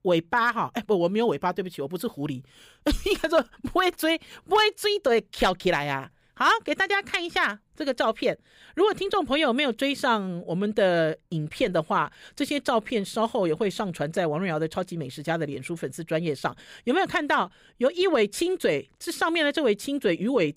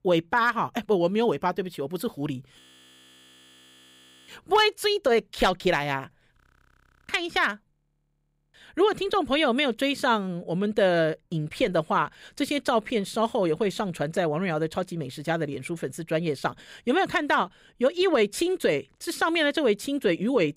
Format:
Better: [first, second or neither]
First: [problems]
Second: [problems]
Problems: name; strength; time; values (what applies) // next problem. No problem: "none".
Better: first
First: none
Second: audio freezing; at 2.5 s for 1.5 s, at 6.5 s for 0.5 s and at 7.5 s for 1 s